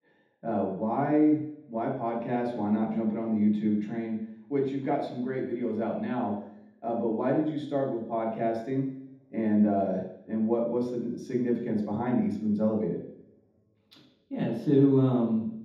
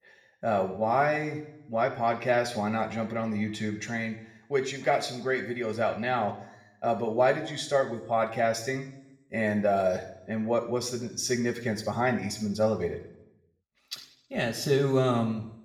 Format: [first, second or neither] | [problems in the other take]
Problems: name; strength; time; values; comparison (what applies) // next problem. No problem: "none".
second | room echo; strong; dies away in 0.9 s; slight in the second // off-mic speech; far; somewhat distant in the second